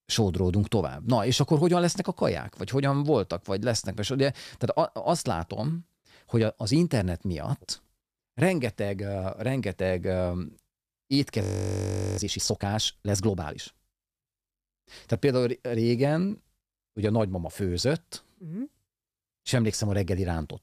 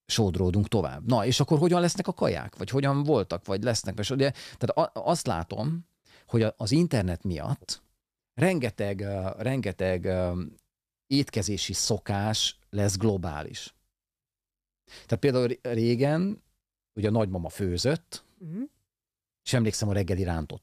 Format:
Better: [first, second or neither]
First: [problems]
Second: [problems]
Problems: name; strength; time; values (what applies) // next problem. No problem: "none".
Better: second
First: audio freezing; at 11 s for 1 s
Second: none